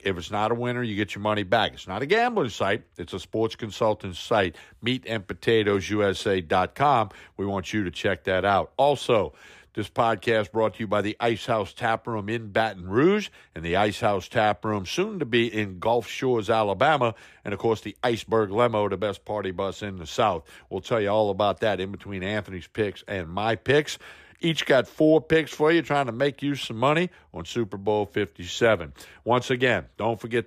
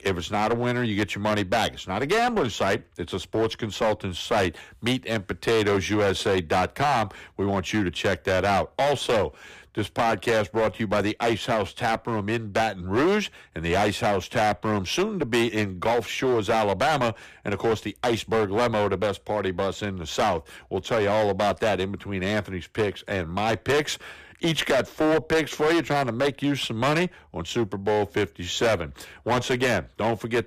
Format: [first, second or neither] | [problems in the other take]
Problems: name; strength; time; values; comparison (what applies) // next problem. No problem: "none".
first | distortion; heavy; 13% of the sound clipped